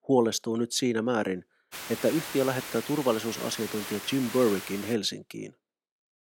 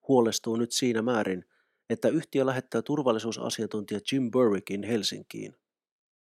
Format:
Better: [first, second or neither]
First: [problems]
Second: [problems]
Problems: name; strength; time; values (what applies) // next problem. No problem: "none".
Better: second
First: hiss; loud; from 1.5 to 5 s; 9 dB below the speech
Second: none